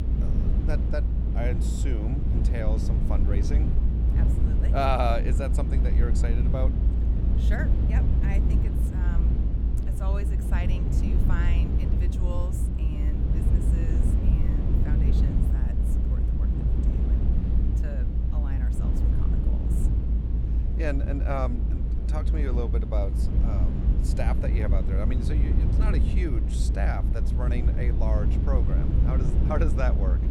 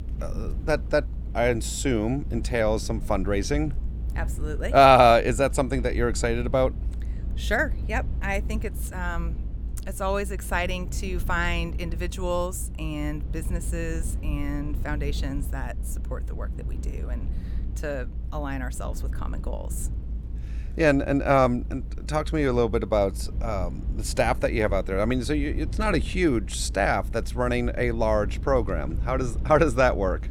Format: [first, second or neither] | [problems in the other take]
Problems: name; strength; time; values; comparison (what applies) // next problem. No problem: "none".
second | low rumble; loud; throughout; 4 dB below the speech; faint in the second